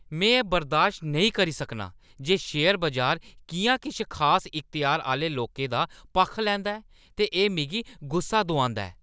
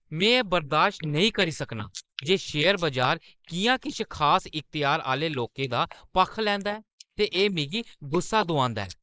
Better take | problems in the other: first | noise reduction (neural mask model Resemble Enhance denoiser)

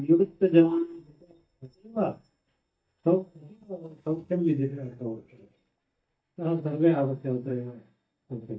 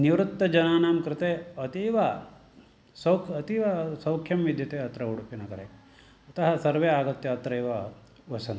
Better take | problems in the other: second | noise reduction (neural mask model DeepFilterNet 3)

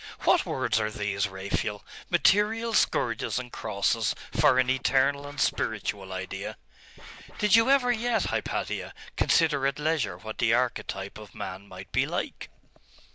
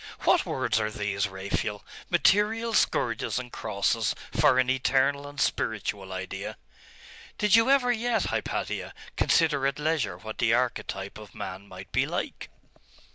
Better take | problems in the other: second | background sound (Scratching (performance technique)); 19 dB below the speech

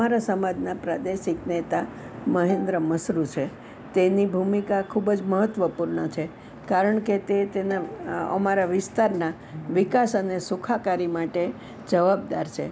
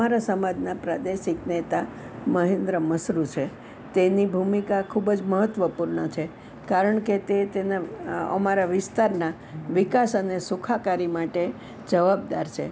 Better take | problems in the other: second | background sound (Bowed string instrument); 16 dB below the speech

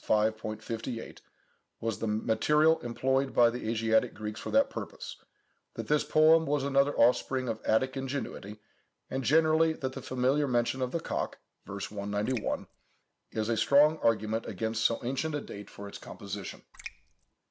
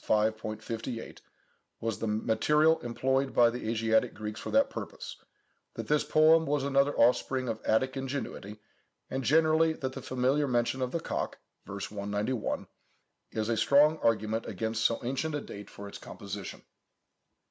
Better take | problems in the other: second | background sound (Raindrop); 17 dB below the speech

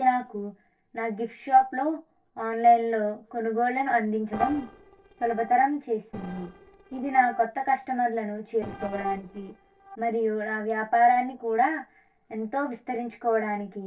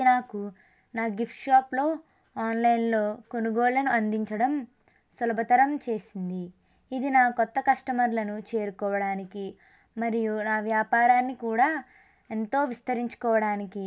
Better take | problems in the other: second | noise reduction (neural separator model SepFormer DNS4)

